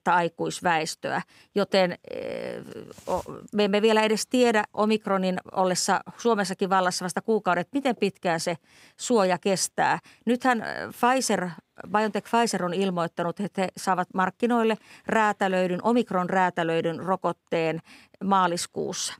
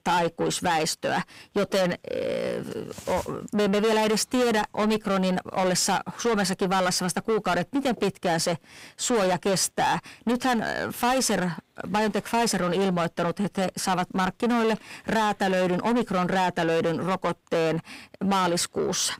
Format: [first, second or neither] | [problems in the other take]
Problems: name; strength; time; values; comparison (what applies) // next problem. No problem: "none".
first | distortion; heavy; 6 dB below the speech